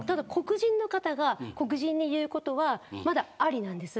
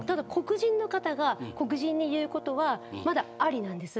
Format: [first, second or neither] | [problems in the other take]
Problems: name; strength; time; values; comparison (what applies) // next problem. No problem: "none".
first | background sound (Brass instrument); 17 dB below the speech